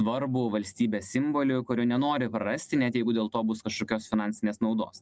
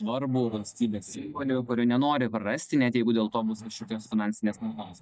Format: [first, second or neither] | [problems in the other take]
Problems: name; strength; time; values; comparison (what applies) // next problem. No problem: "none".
first | noise reduction (neural mask model DeepFilterNet 3)